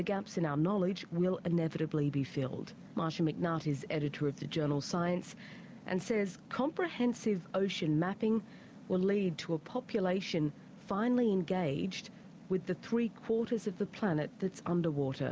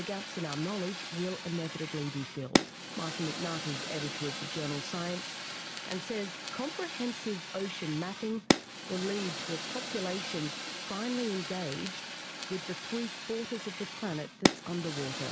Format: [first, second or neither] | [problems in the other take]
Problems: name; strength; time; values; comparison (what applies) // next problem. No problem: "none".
first | background sound (Fire); as loud as the speech